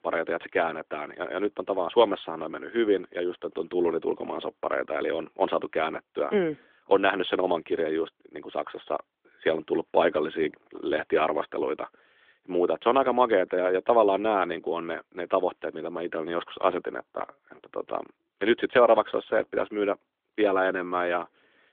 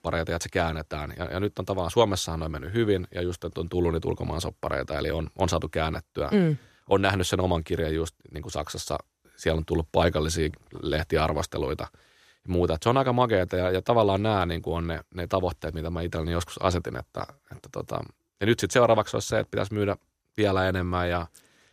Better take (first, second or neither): second